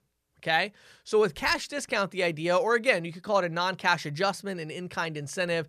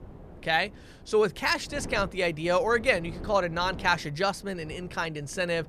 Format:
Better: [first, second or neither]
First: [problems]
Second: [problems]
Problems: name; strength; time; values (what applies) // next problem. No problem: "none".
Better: first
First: none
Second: wind noise on the microphone; occasional gusts; 25 dB below the speech